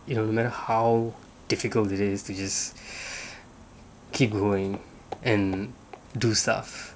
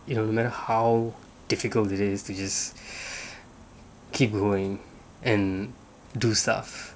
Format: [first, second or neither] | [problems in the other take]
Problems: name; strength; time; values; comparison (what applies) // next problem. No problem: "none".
second | background sound (Walk, footsteps); 18 dB below the speech